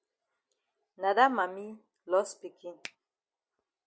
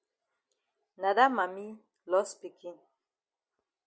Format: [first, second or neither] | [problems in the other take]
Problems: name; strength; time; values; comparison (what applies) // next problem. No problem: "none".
second | background sound (Finger snapping); 15 dB below the speech